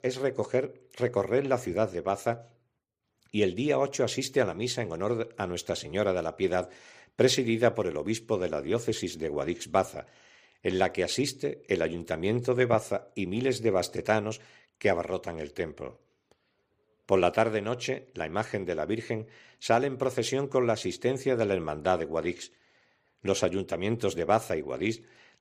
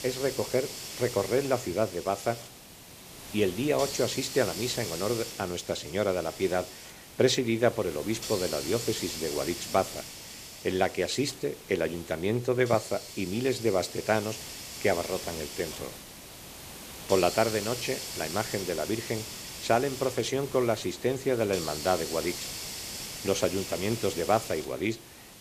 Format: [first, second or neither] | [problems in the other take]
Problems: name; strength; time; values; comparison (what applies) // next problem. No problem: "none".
first | hiss; loud; throughout; 9 dB below the speech